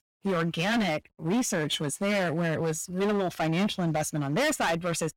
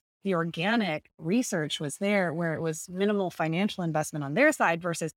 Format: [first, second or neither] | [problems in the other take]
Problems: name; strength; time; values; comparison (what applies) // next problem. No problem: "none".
second | distortion; heavy; 17% of the sound clipped